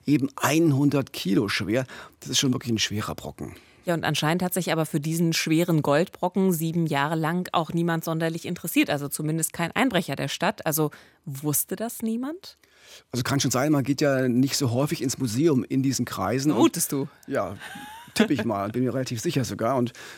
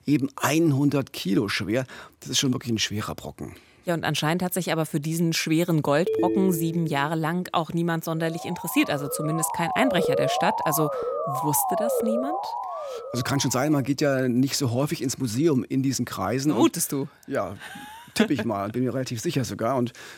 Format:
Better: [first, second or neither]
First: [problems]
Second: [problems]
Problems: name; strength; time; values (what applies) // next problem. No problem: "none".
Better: first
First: none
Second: phone ringing; loud; at 6 s; peak level with the speech // siren; loud; from 8 to 14 s; peak 1 dB above the speech